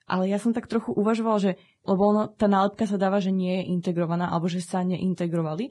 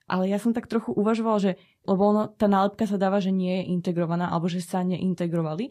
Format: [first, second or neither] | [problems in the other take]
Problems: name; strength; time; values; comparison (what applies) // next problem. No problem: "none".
second | garbled, watery; badly; nothing above 10.5 kHz; slightly in the second